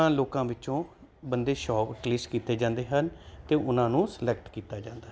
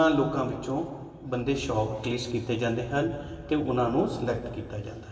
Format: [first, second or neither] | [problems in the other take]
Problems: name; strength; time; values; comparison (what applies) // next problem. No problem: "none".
first | room echo; dies away in 2.3 s